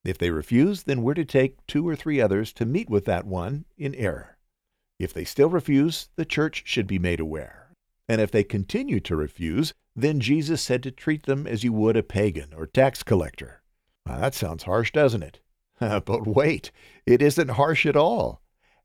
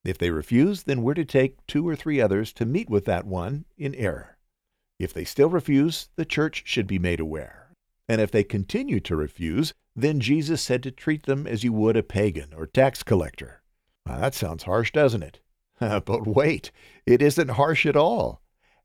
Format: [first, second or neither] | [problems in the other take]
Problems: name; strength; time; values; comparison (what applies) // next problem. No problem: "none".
neither | none